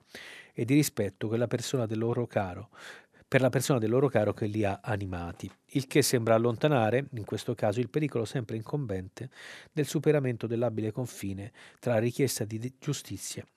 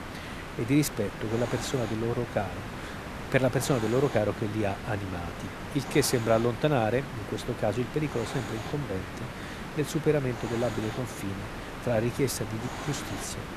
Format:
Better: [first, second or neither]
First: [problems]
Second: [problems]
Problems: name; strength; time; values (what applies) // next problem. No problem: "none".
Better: first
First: none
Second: hiss; loud; throughout; 8 dB below the speech